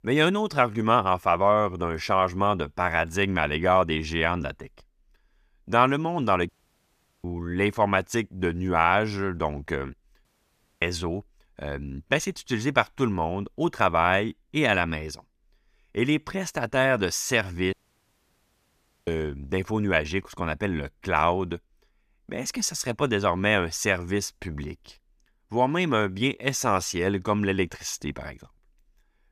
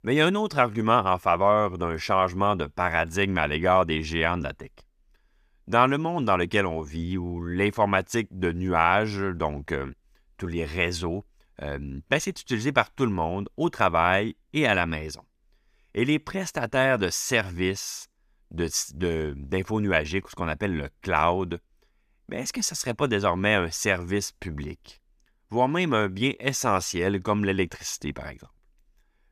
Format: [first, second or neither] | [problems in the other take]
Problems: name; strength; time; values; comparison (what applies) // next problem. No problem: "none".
second | audio cutting out; at 6.5 s for 1 s, at 10 s for 0.5 s and at 18 s for 1.5 s